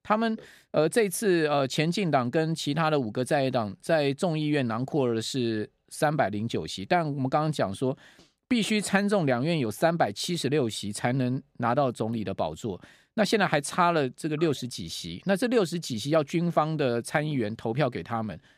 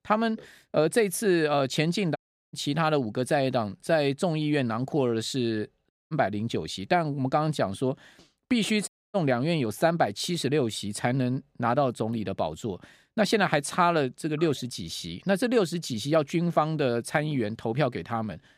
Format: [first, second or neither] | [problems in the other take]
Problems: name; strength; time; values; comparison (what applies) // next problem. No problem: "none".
first | audio cutting out; at 2 s, at 6 s and at 9 s